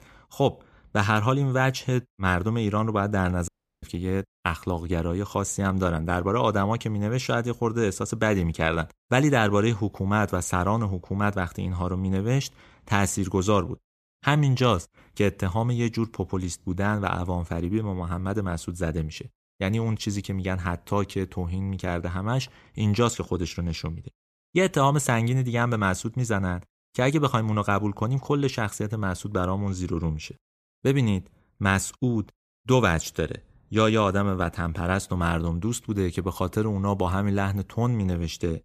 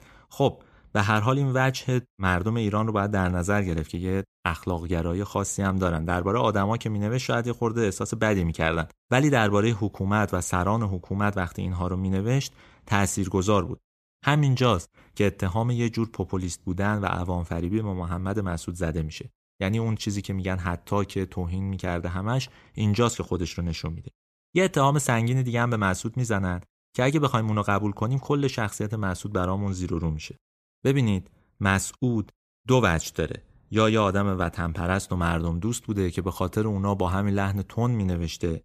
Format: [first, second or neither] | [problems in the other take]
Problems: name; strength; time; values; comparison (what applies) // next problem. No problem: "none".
second | audio cutting out; at 3.5 s